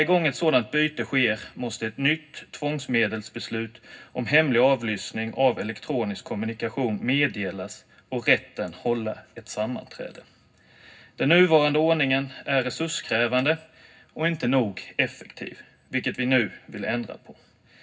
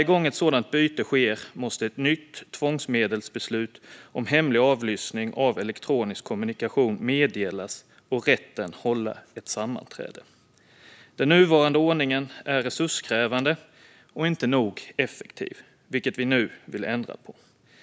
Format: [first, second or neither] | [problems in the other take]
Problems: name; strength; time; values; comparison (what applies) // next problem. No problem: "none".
second | room echo; dies away in 0.4 s